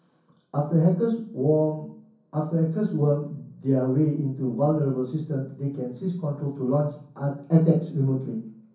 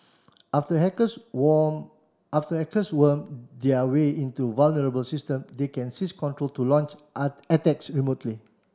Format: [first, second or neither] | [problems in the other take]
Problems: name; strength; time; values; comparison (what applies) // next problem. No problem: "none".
second | room echo; dies away in 0.6 s